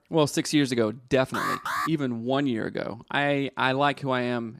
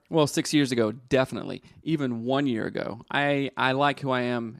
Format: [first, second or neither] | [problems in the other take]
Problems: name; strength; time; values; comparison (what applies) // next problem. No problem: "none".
second | alarm; noticeable; at 1.5 s; peak 2 dB below the speech